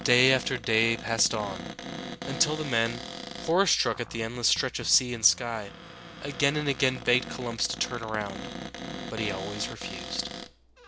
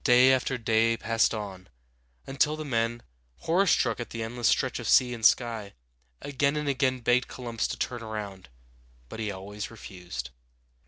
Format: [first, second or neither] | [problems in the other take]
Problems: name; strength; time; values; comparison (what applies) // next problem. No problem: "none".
second | background sound (Cupboard open or close); 11 dB below the speech